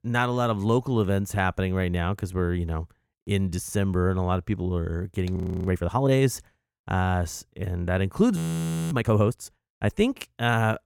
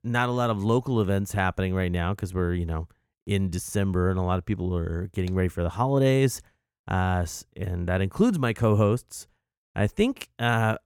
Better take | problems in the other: second | audio freezing; at 5.5 s and at 8.5 s for 0.5 s

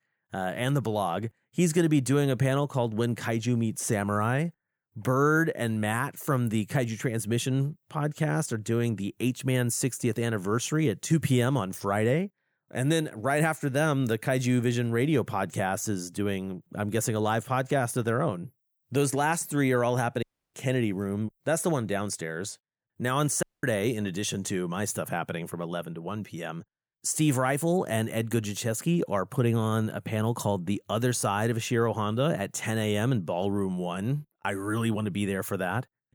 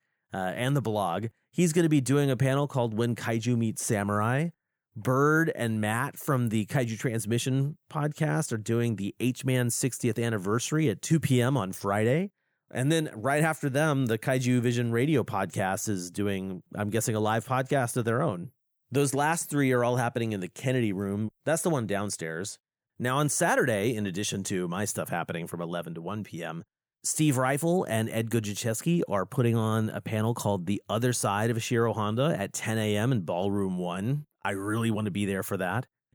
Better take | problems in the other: second | audio cutting out; at 20 s and at 23 s

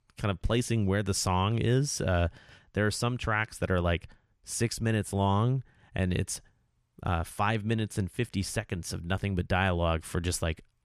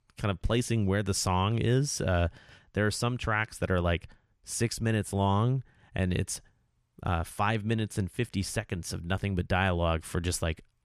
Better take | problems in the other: neither | none

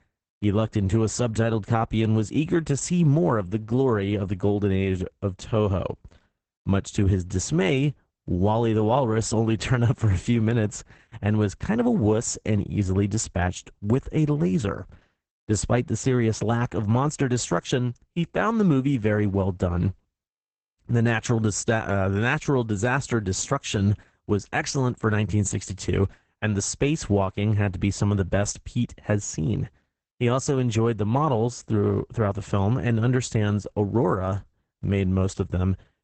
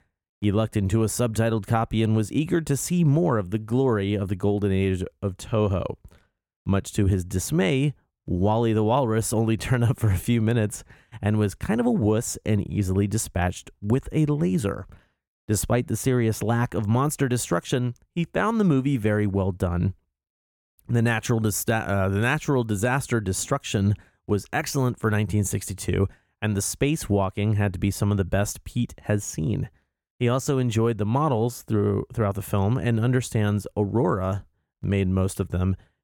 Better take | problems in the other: second | garbled, watery; badly; nothing above 8 kHz

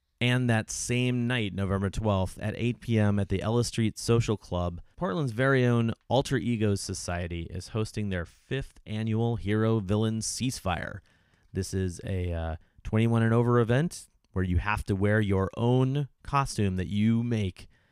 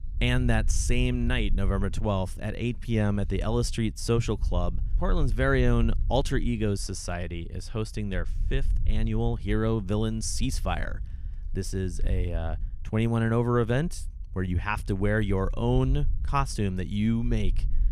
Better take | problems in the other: first | low rumble; faint; throughout; 25 dB below the speech

